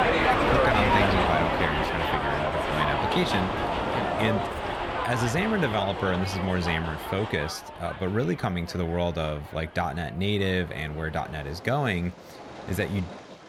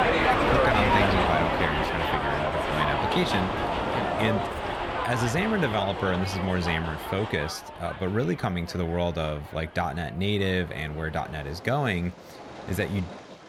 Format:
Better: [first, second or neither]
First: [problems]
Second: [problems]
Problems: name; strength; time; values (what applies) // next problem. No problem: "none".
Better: neither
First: train or aircraft noise; very loud; throughout; 2 dB above the speech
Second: train or aircraft noise; very loud; throughout; 2 dB above the speech